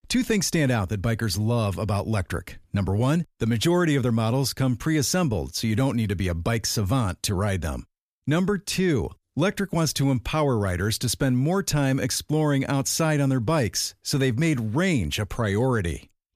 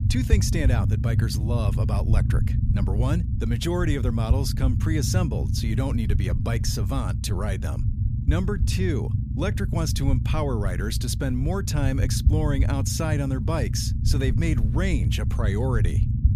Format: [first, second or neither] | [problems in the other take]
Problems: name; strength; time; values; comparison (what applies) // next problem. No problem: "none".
first | low rumble; loud; throughout; 8 dB below the speech